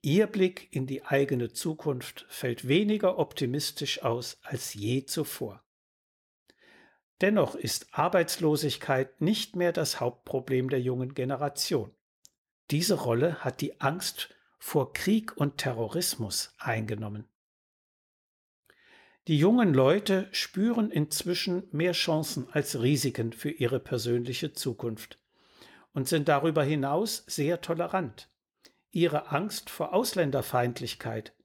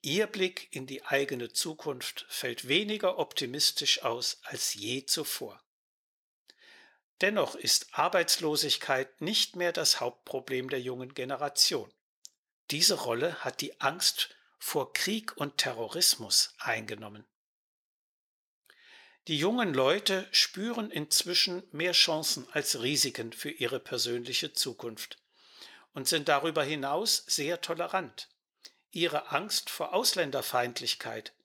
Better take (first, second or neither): first